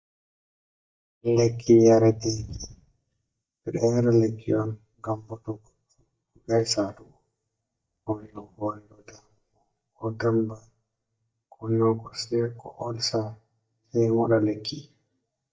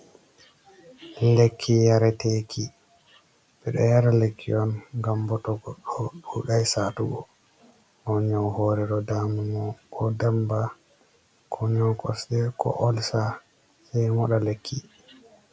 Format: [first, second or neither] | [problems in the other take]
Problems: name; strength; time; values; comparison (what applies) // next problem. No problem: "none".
second | noise reduction (neural mask model DeepFilterNet 3)